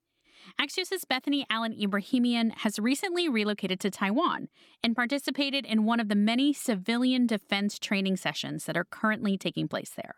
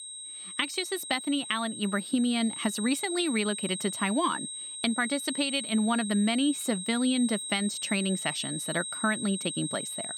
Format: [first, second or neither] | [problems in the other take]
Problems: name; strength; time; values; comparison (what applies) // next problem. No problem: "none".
first | high-pitched whine; loud; throughout; 8.5 kHz, 6 dB below the speech